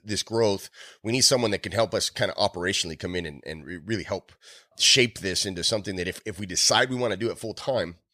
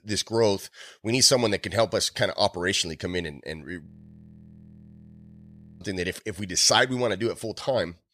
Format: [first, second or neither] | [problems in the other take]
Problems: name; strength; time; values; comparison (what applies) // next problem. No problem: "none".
first | audio freezing; at 4 s for 2 s